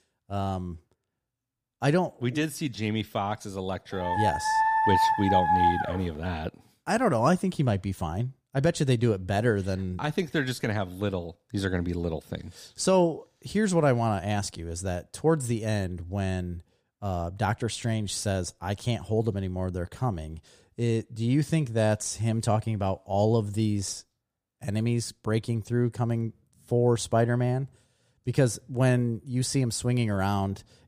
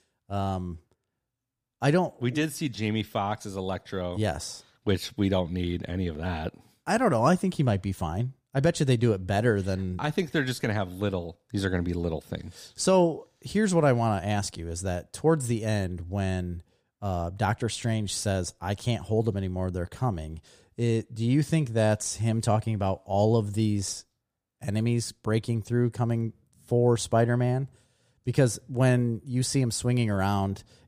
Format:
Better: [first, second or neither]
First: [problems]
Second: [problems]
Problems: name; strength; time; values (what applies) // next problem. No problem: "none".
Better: second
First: dog barking; loud; from 4 to 6 s; peak 6 dB above the speech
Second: none